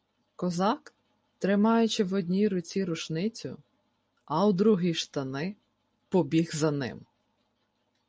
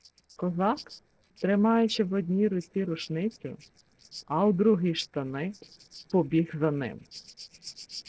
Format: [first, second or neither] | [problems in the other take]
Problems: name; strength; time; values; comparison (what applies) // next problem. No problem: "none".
first | noise reduction (neural separator model SepFormer DNS4)